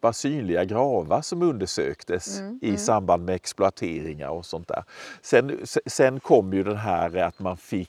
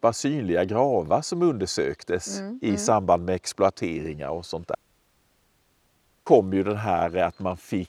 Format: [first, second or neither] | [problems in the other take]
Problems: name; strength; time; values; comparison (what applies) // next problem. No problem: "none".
first | audio cutting out; at 5 s for 1.5 s